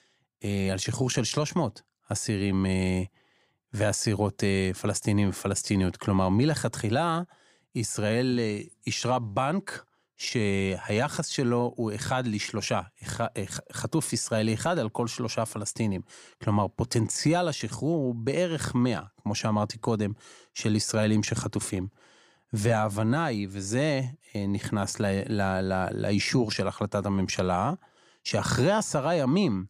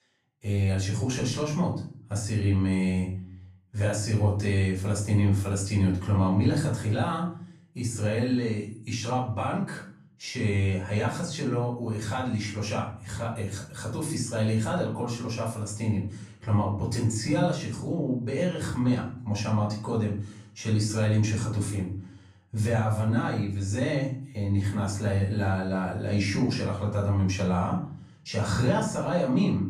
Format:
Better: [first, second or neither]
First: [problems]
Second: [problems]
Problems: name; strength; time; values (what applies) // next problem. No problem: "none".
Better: first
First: none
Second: off-mic speech; far // room echo; noticeable; dies away in 0.5 s